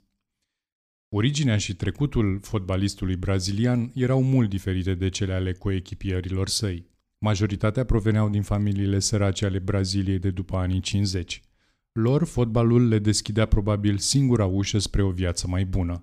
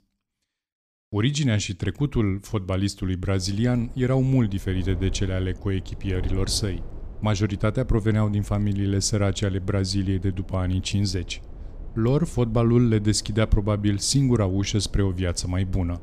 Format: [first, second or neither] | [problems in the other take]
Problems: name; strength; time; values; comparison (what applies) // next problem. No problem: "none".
first | wind noise on the microphone; occasional gusts; from 3.5 s on; 20 dB below the speech